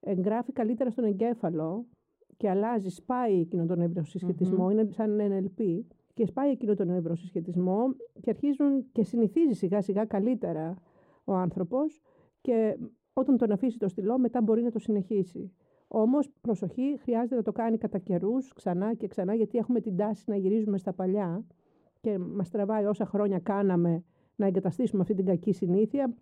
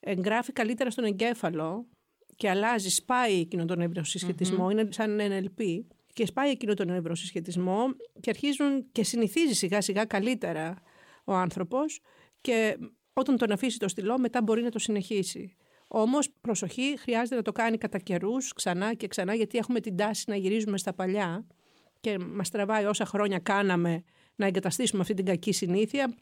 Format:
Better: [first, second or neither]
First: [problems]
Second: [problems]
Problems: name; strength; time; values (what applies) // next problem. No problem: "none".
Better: second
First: muffled; very; fading above 1.5 kHz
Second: none